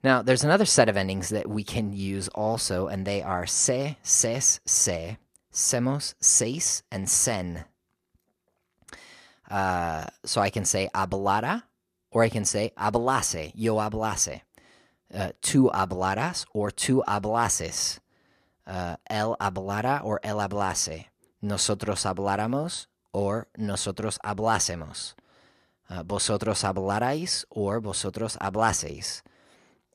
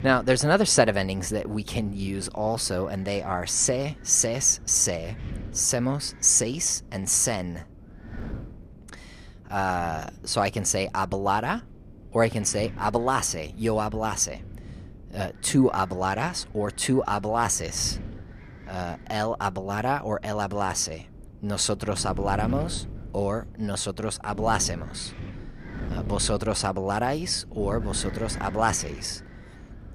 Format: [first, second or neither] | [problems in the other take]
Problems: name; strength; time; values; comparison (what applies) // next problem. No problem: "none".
first | wind noise on the microphone; occasional gusts; 20 dB below the speech